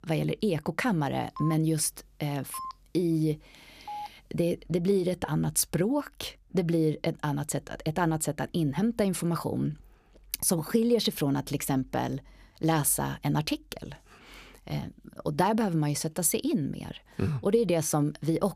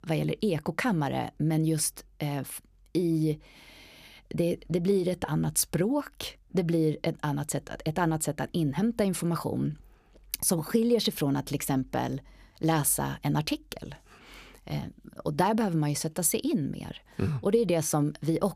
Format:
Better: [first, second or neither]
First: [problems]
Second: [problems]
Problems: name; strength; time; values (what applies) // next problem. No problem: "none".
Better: second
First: phone ringing; faint; from 1.5 to 4 s; peak 10 dB below the speech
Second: none